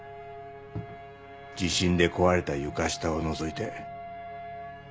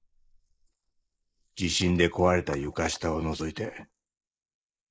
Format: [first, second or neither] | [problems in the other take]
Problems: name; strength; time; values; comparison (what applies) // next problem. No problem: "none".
first | noise reduction (neural mask model Resemble Enhance denoiser)